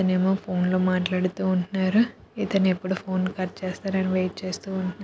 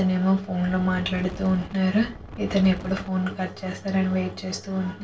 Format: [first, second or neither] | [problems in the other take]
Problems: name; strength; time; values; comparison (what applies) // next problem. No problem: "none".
first | background sound (Wind); 13 dB below the speech // room echo; dies away in 0.2 s